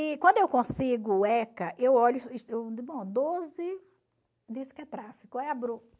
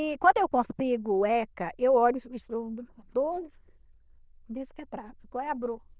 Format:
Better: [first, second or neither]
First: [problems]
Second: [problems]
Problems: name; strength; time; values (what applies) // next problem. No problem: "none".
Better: first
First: none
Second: noise reduction (neural diffusion model UNIVERSE++)